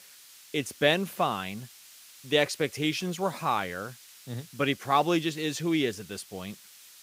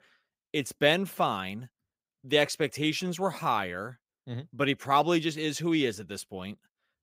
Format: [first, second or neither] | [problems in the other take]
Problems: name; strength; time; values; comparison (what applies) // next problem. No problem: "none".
second | hiss; faint; throughout; 20 dB below the speech